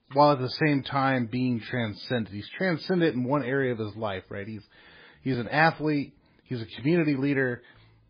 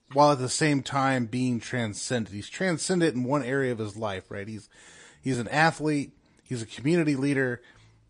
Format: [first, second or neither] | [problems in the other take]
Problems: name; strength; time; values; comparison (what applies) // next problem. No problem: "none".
second | garbled, watery; badly; slightly in the second